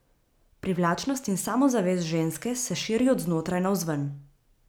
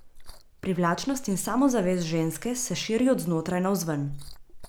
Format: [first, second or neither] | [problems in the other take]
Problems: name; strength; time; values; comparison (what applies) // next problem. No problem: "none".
first | background sound (Liquid); 16 dB below the speech